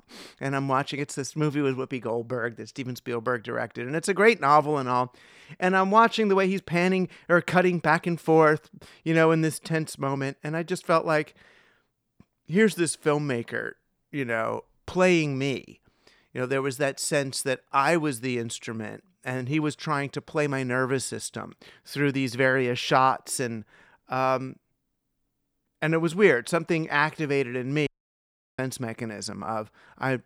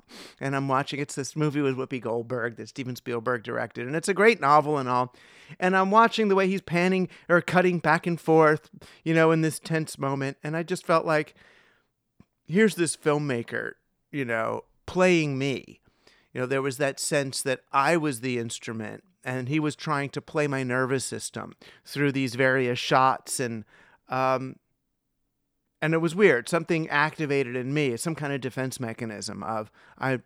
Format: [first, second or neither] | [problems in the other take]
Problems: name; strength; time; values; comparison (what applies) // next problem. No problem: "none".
second | audio cutting out; at 28 s for 0.5 s